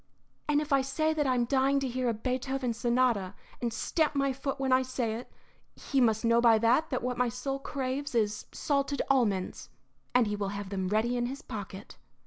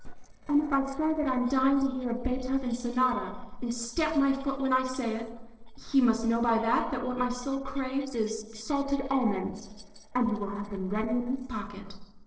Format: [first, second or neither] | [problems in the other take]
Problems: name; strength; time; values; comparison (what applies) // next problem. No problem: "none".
first | noise reduction (neural separator model SepFormer DNS4)